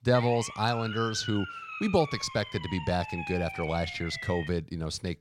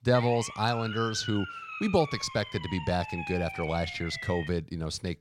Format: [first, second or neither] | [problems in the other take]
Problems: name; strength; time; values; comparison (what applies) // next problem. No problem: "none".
neither | siren; noticeable; until 4.5 s; peak 7 dB below the speech; the same in both